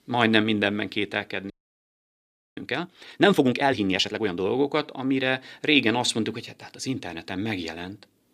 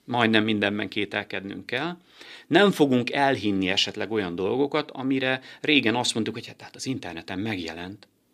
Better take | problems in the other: second | audio freezing; at 1.5 s for 1 s

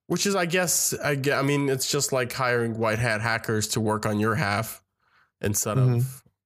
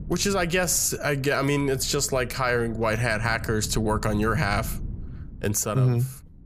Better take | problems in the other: first | wind noise on the microphone; occasional gusts; 25 dB below the speech

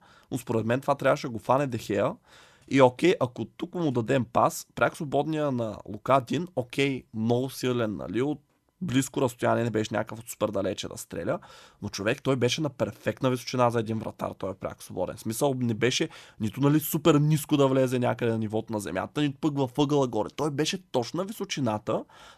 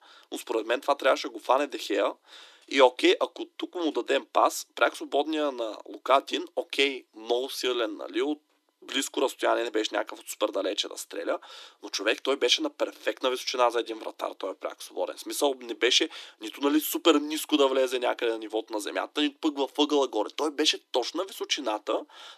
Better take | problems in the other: first | thin; somewhat; fading below 300 Hz

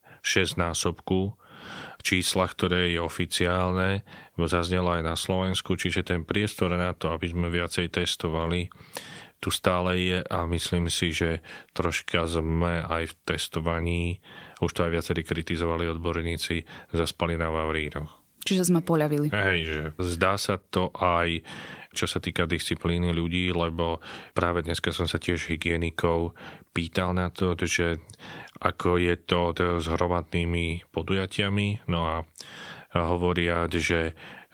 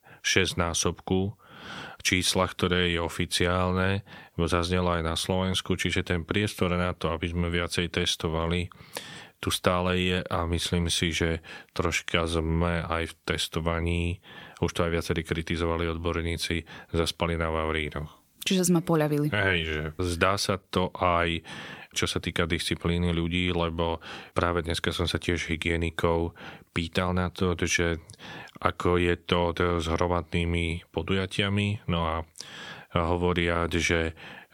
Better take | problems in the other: second | garbled, watery; slightly

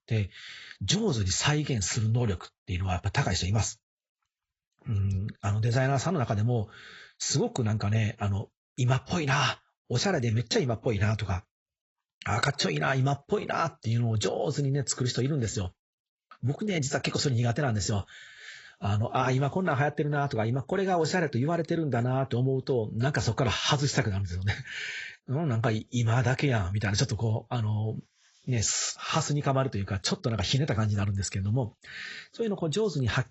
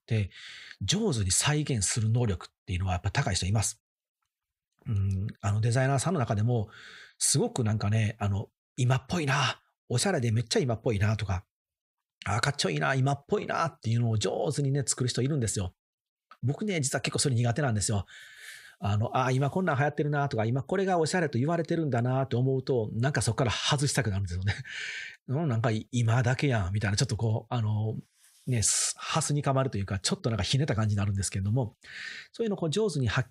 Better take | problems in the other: second | garbled, watery; badly; nothing above 8 kHz

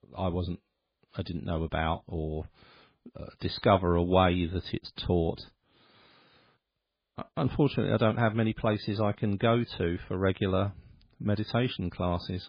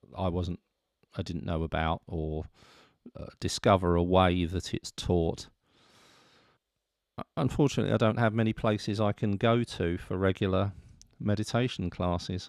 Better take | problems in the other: second | garbled, watery; badly

